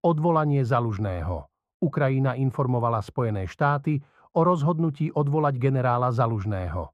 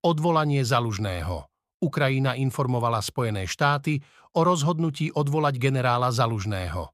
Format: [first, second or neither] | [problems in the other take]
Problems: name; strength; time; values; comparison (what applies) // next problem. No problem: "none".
second | muffled; very; fading above 2.5 kHz